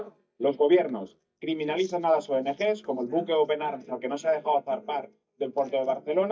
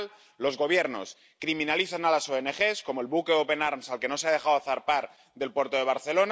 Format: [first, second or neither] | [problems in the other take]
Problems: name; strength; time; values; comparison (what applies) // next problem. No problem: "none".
second | noise reduction (neural mask model DeepFilterNet 3)